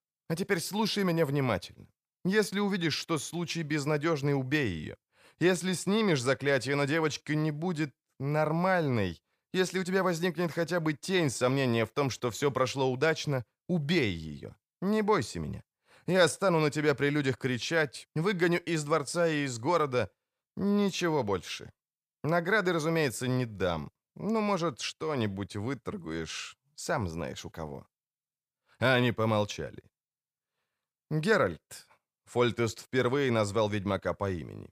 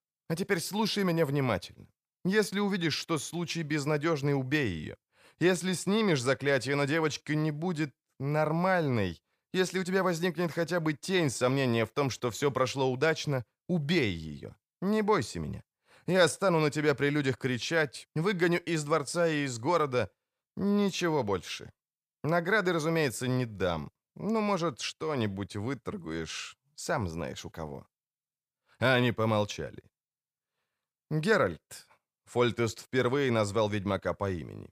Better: neither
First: none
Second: none

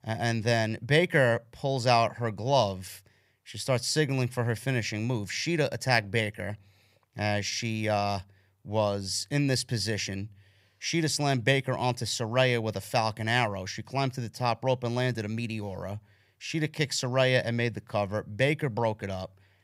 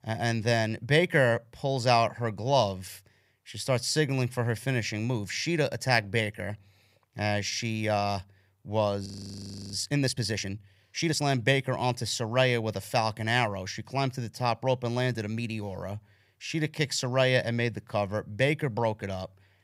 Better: first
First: none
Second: audio freezing; at 9 s for 0.5 s

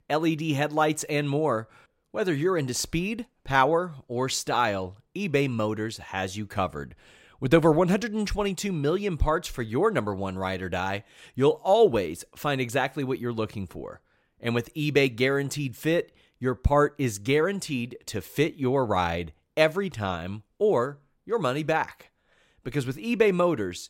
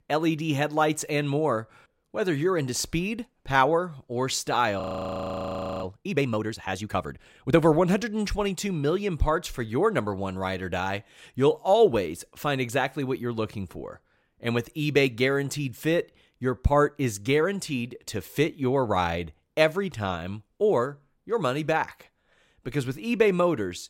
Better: first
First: none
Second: audio freezing; at 5 s for 1 s

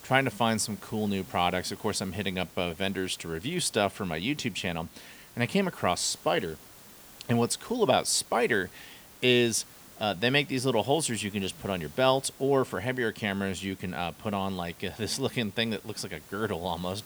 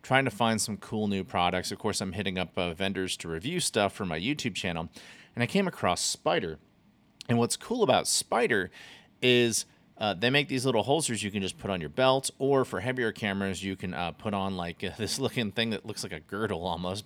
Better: second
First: hiss; faint; throughout; 20 dB below the speech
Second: none

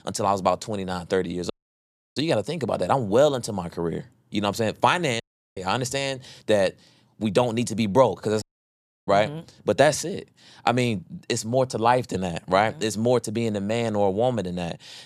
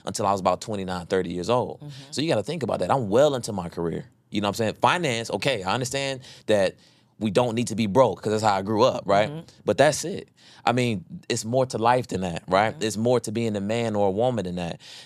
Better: second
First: audio cutting out; at 1.5 s for 0.5 s, at 5 s and at 8.5 s for 0.5 s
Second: none

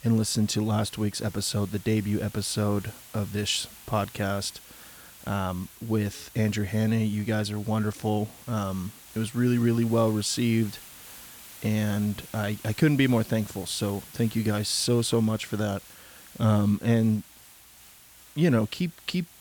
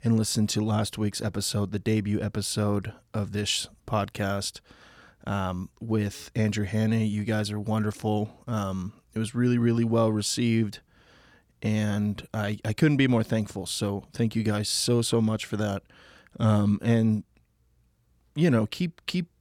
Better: second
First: hiss; noticeable; throughout; 20 dB below the speech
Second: none

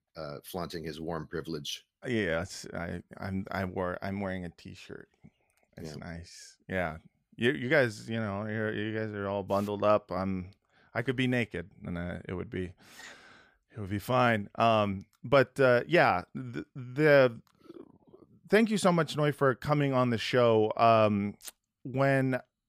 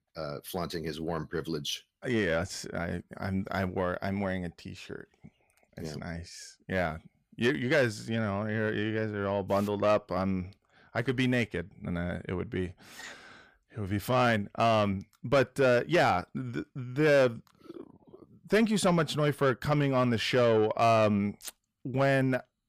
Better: first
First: none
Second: distortion; slight; 10 dB below the speech

